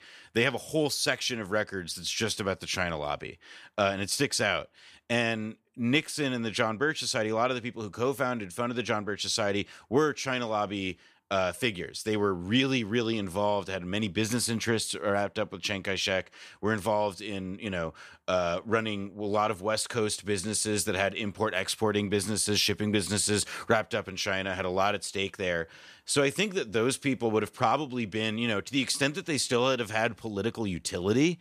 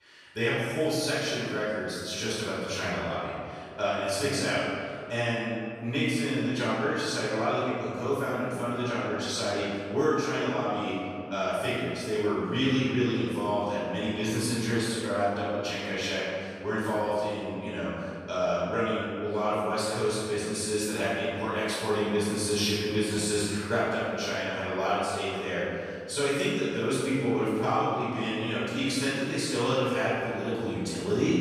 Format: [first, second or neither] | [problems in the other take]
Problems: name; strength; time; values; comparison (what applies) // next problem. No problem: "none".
first | off-mic speech; far // room echo; strong; dies away in 2 s